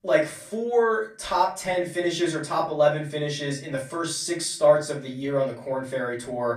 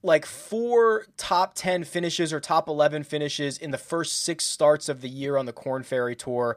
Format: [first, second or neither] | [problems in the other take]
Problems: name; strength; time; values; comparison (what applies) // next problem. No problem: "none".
second | off-mic speech; far // room echo; slight; dies away in 0.3 s